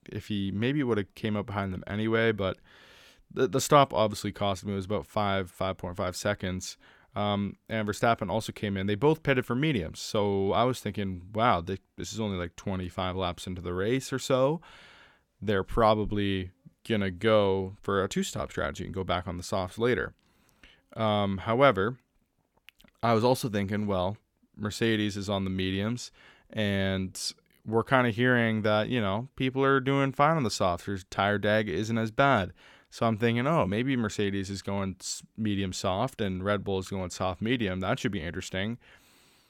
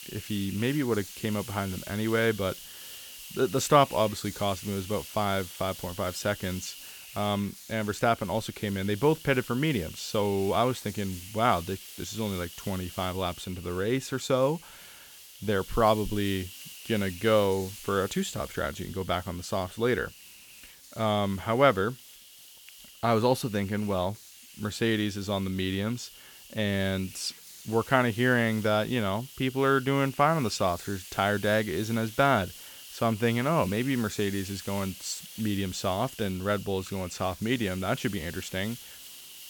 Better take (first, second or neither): first